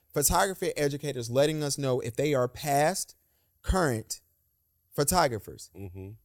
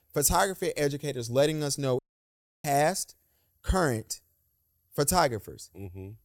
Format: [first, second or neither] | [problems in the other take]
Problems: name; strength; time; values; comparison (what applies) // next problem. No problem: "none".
first | audio cutting out; at 2 s for 0.5 s